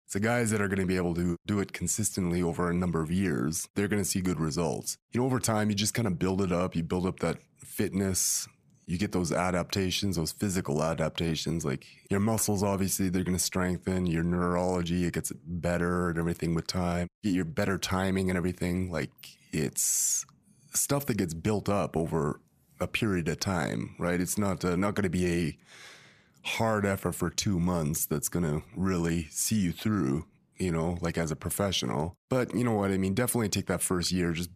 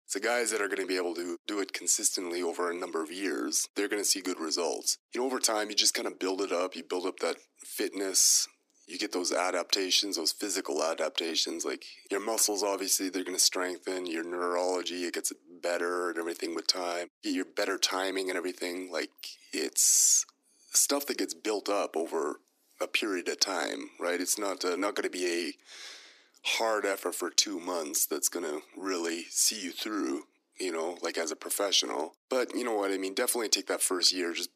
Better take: first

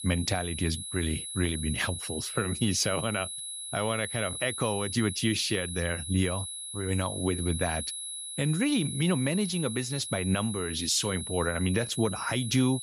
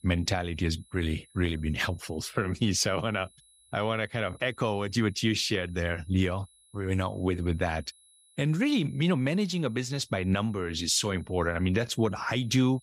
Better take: second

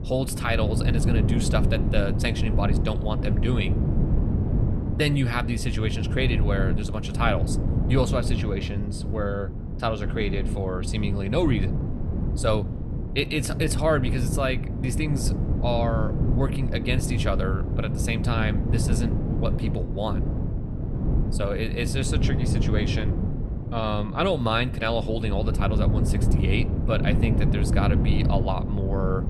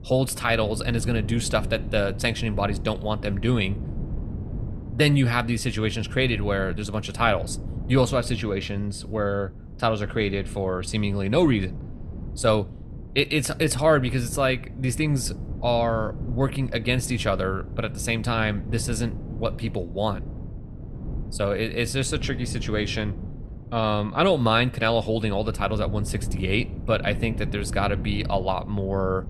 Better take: second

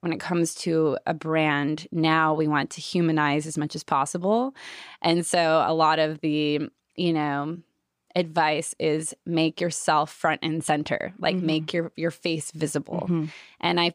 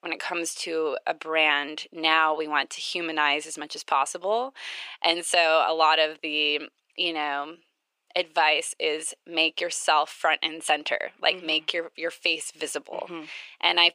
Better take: first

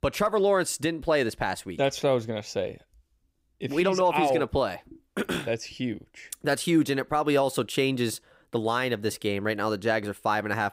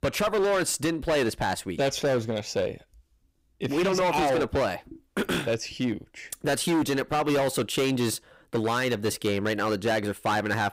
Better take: first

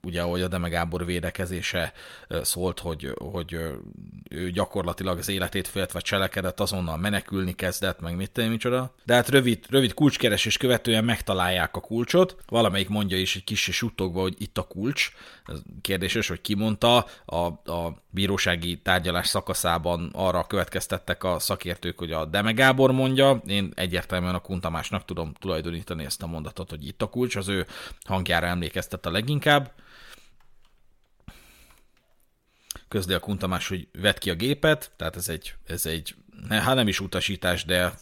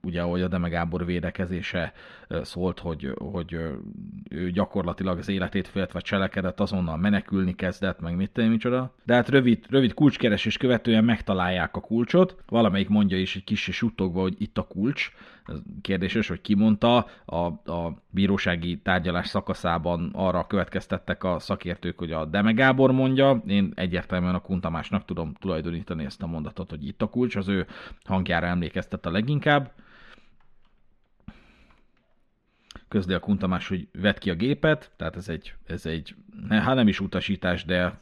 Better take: first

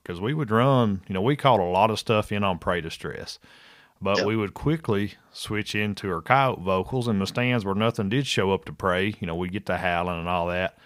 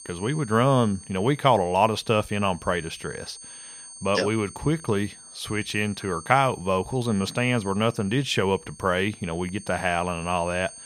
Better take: first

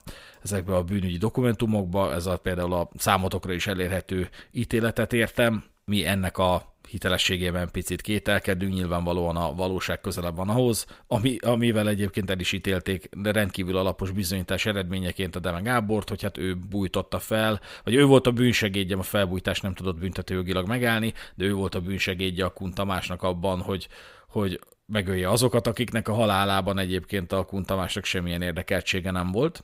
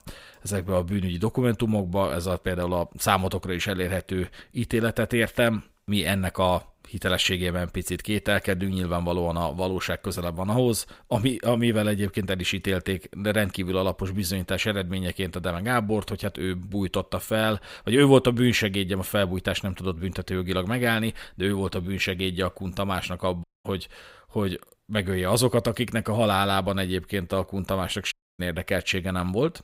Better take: first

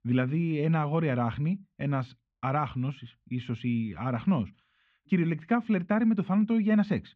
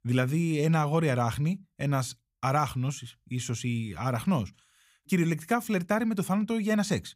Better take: second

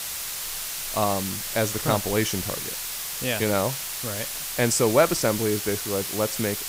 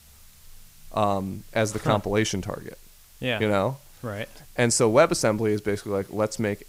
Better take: second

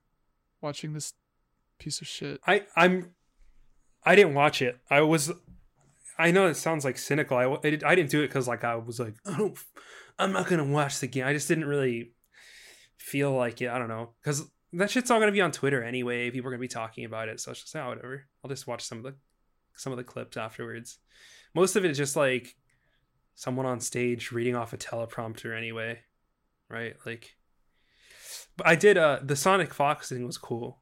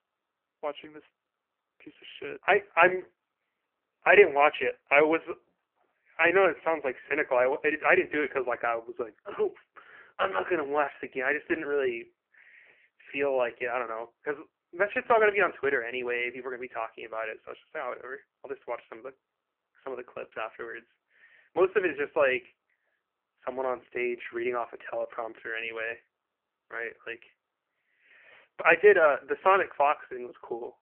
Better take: first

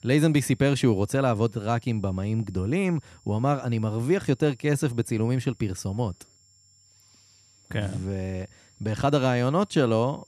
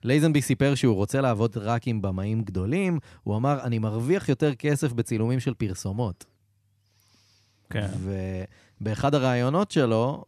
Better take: second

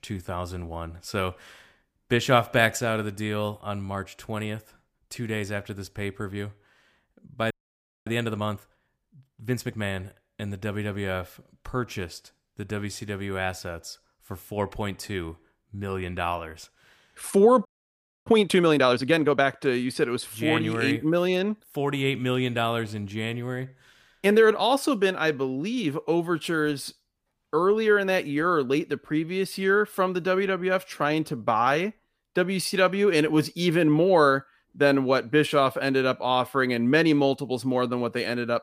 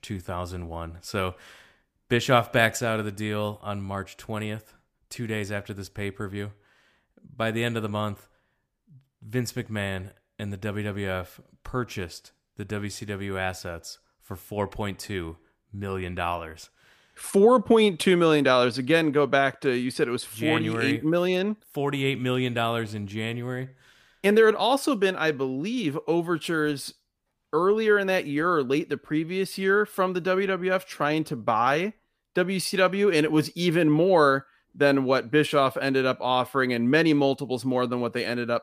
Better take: second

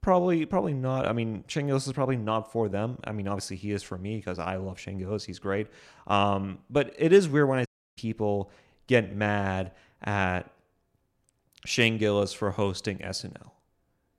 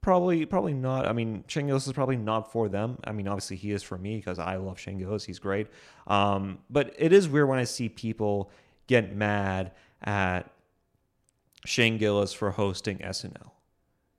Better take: second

